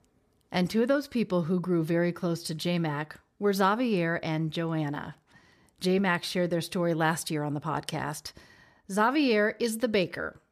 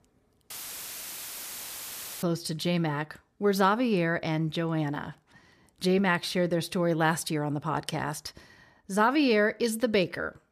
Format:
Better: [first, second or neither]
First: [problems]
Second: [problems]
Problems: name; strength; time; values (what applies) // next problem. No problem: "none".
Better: first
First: none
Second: audio cutting out; filled with static; at 0.5 s for 1.5 s